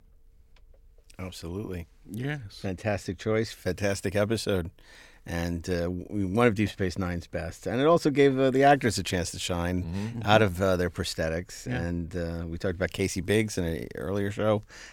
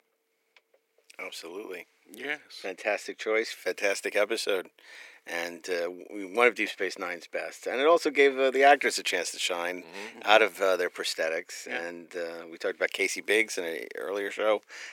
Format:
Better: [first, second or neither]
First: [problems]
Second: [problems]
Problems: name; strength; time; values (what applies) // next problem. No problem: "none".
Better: first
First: none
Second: thin; very; fading below 350 Hz